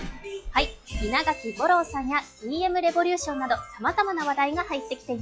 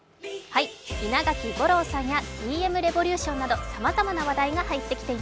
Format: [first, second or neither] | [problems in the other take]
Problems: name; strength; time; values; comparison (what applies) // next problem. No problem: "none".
second | noise reduction (classical method log-MMSE)